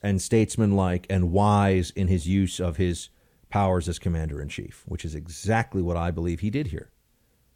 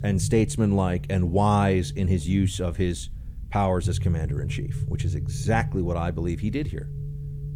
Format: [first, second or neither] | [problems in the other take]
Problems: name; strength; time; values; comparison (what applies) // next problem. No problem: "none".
first | low rumble; noticeable; throughout; 15 dB below the speech